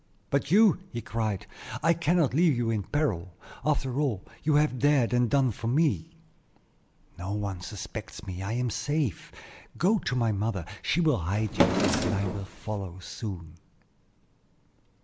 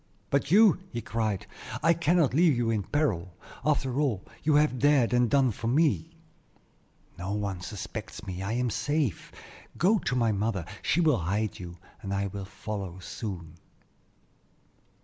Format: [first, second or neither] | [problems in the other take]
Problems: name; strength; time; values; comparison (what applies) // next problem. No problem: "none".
second | background sound (Drawer open or close); as loud as the speech